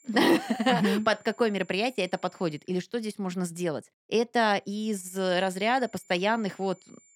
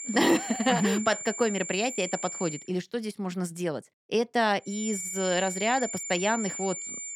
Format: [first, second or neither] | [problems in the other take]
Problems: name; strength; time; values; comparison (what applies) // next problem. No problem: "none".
first | high-pitched whine; loud; until 2.5 s and from 4.5 s on; 7 kHz, 6 dB below the speech; faint in the first